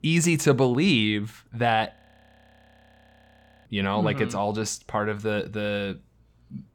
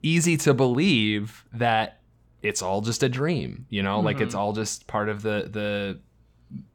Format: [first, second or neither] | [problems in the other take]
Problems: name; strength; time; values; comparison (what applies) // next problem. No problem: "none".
second | audio freezing; at 2 s for 1.5 s